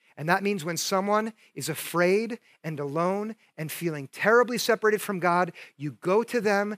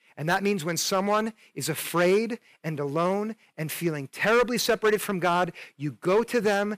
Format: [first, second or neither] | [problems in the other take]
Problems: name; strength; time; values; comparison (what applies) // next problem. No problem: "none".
first | distortion; slight; 3% of the sound clipped